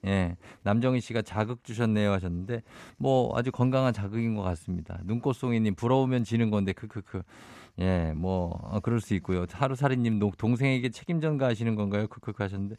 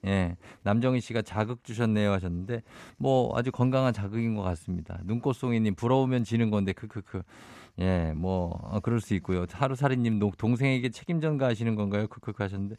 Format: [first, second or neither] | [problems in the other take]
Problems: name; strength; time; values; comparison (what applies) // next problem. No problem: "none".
neither | none